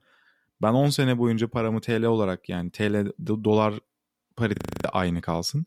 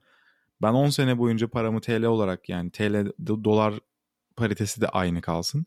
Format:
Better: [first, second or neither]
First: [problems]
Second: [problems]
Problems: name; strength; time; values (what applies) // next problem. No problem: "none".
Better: second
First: audio freezing; at 4.5 s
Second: none